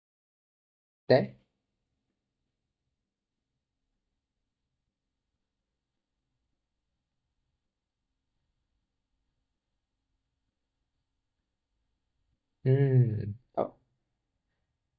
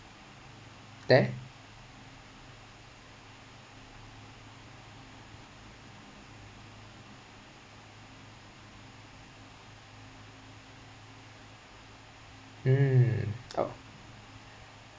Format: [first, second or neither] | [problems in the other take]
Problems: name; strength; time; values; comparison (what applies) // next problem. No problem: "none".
second | noise reduction (neural mask model DeepFilterNet 3)